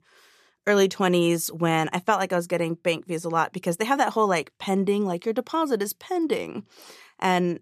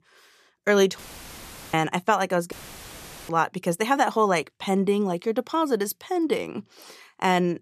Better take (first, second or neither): first